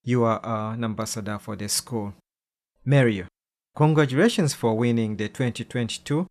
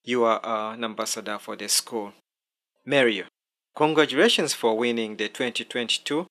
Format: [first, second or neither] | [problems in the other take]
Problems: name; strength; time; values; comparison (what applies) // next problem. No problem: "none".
first | thin; somewhat; fading below 300 Hz